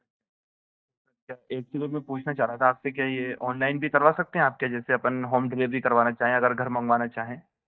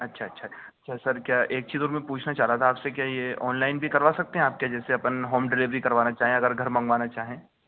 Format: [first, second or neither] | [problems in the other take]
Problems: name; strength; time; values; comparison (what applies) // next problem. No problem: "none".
second | noise reduction (neural mask model DeepFilterNet 3)